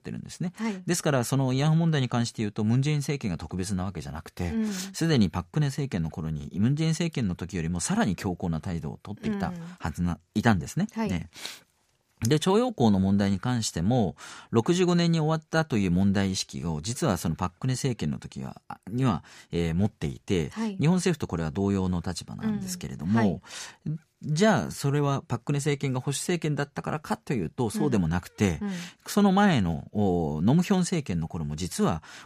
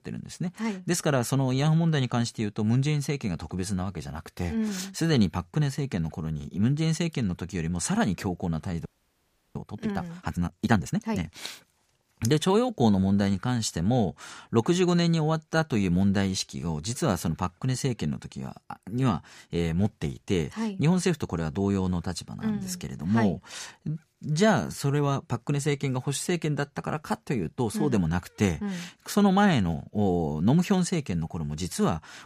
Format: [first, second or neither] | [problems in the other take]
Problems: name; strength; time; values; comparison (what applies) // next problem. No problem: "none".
first | audio freezing; at 9 s for 0.5 s